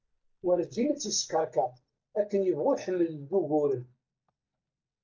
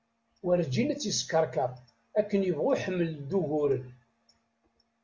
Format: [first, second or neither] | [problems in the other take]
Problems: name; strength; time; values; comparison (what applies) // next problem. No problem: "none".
second | noise reduction (neural mask model DeepFilterNet 3)